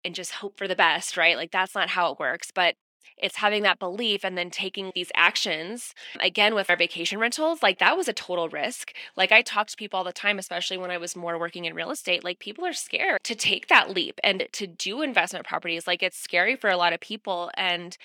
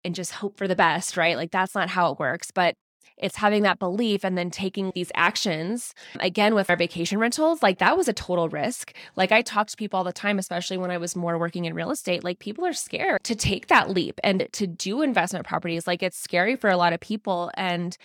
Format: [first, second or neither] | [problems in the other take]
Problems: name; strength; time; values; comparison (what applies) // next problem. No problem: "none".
second | thin; somewhat; fading below 300 Hz